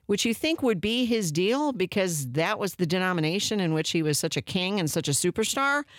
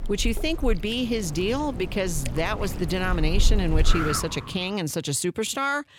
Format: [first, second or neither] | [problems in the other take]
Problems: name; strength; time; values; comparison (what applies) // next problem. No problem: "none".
first | wind in the background; loud; until 4.5 s; 4 dB below the speech